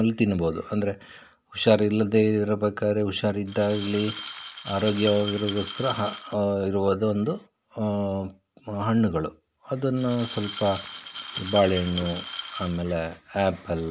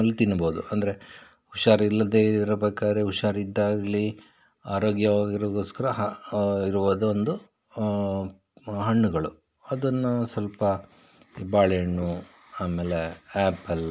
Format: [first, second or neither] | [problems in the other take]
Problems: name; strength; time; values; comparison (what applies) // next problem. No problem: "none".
second | background sound (Glass); 11 dB below the speech